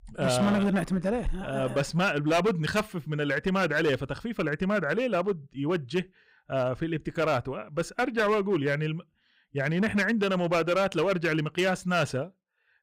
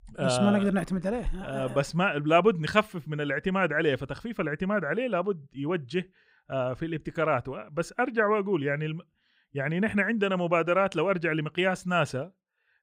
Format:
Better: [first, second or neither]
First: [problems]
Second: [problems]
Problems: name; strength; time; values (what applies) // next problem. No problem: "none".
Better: second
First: distortion; slight; 8% of the sound clipped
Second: none